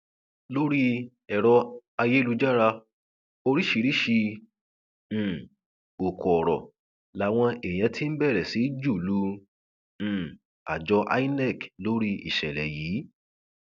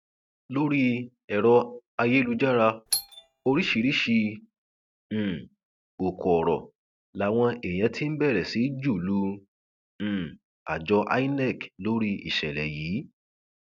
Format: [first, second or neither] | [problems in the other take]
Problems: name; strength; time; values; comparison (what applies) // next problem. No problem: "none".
first | noise reduction (neural mask model RNNoise)